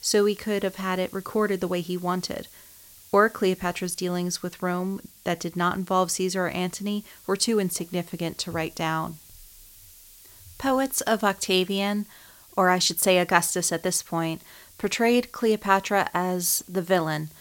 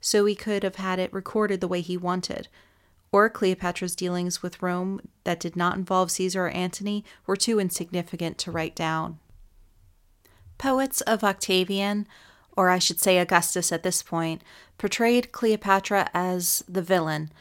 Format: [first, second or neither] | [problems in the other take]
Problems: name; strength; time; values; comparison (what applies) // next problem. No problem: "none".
second | hiss; faint; throughout; 25 dB below the speech